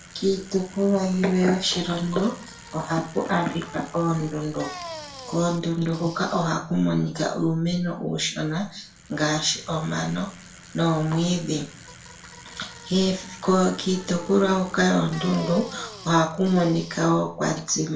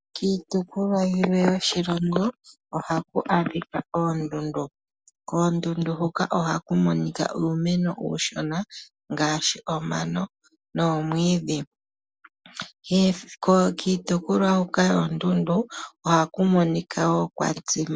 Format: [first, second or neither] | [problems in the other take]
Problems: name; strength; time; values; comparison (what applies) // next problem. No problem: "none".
second | background sound (Bicycle); 19 dB below the speech // room echo; dies away in 0.3 s